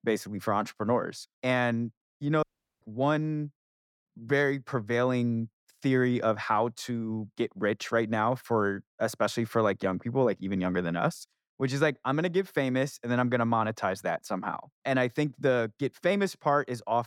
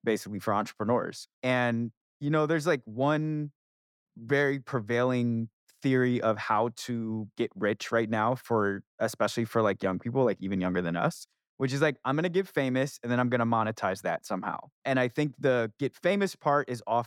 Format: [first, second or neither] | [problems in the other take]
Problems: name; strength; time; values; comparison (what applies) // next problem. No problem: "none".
second | audio cutting out; at 2.5 s